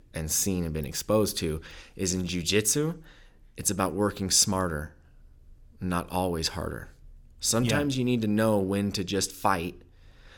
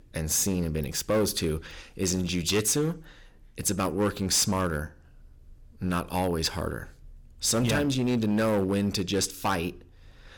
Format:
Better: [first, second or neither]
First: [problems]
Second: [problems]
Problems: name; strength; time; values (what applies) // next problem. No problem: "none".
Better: first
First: none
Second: distortion; slight; 6% of the sound clipped